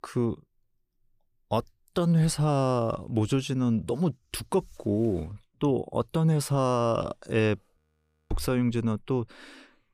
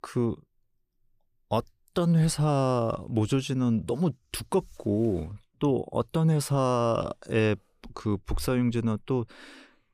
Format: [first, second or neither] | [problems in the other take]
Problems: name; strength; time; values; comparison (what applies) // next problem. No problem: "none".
second | audio freezing; at 8 s for 0.5 s